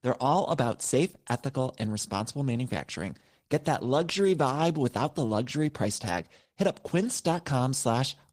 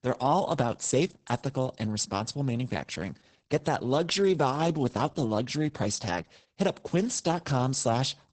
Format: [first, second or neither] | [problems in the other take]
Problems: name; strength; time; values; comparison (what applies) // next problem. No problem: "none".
first | garbled, watery; badly; nothing above 8 kHz; slightly in the first